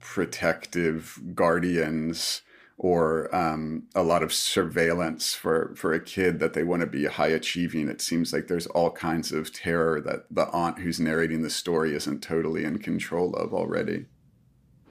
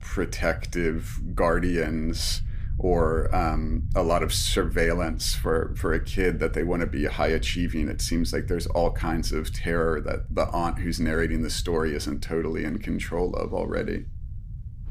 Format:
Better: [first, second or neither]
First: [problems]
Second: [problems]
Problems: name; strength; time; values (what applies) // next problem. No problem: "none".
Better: first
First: none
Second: low rumble; faint; throughout; 25 dB below the speech